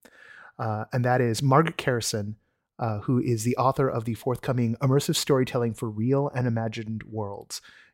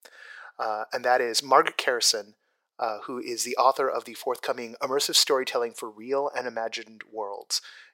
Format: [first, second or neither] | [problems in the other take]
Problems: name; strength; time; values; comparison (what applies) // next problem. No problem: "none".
first | thin; very; fading below 500 Hz